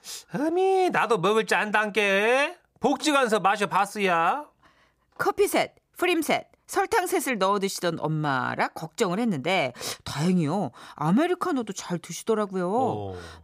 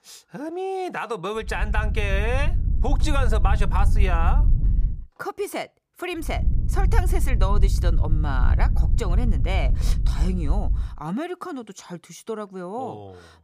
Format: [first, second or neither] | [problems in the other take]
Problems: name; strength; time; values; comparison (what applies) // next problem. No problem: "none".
first | low rumble; noticeable; from 1.5 to 5 s and from 6.5 to 11 s; 10 dB below the speech